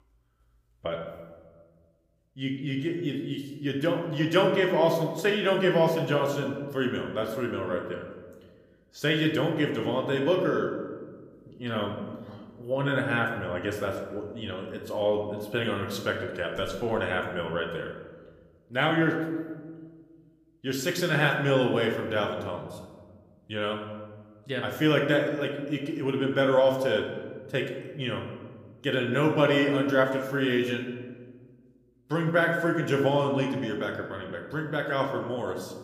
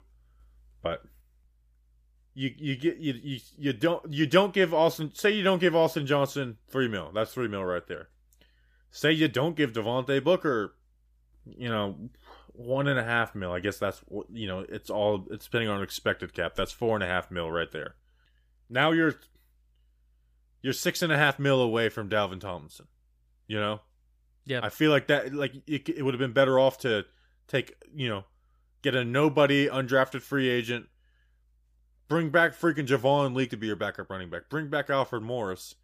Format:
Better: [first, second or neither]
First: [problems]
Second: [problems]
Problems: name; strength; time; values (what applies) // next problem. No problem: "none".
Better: second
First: room echo; slight; dies away in 1.1 s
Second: none